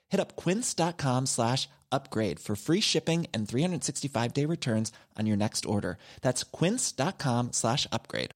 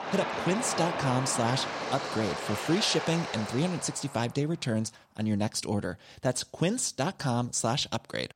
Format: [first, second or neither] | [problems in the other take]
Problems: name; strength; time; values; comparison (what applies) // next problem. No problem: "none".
first | rain or running water; loud; throughout; 4 dB below the speech